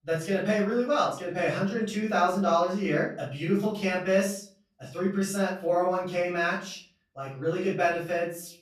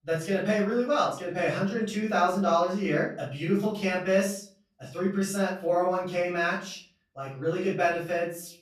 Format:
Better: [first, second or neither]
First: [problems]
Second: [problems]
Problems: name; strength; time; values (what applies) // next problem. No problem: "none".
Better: neither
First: off-mic speech; far // room echo; noticeable; dies away in 0.4 s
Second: off-mic speech; far // room echo; noticeable; dies away in 0.4 s